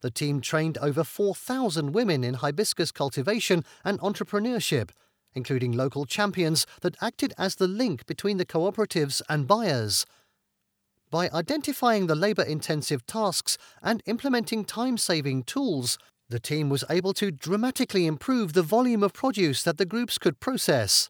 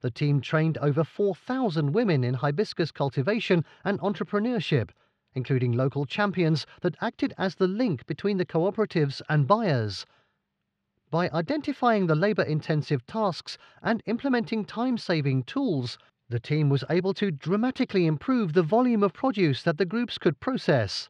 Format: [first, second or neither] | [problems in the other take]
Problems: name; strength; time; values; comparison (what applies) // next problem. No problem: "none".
first | muffled; slightly; fading above 3.5 kHz